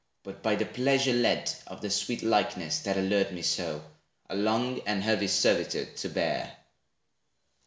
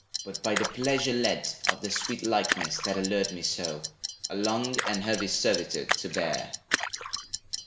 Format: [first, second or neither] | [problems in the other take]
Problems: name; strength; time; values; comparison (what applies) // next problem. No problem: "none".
first | background sound (Splash, splatter + Clock); 3 dB below the speech